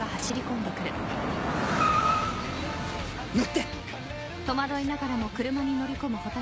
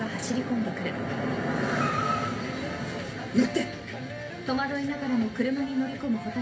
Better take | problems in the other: first | room echo; dies away in 0.3 s

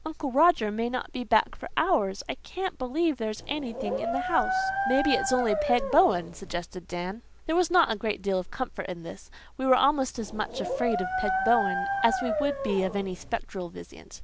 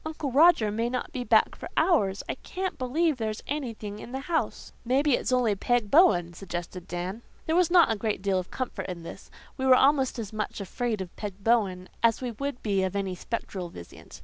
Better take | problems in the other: second | background sound (Dog); 3 dB below the speech

